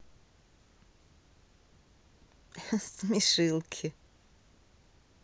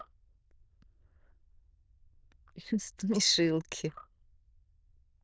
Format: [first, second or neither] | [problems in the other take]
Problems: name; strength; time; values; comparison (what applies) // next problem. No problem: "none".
first | noise reduction (neural diffusion model UNIVERSE++)